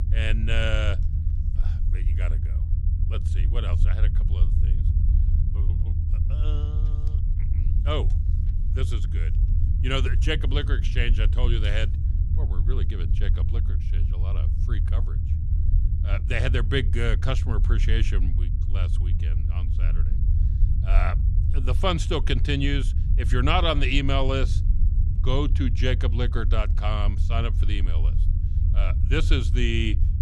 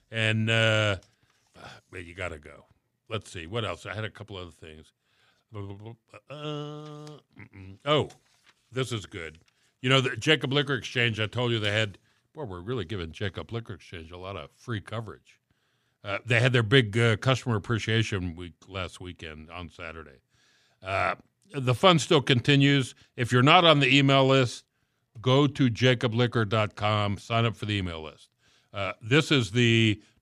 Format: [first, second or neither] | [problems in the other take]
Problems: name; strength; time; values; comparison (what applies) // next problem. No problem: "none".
second | low rumble; noticeable; throughout; 15 dB below the speech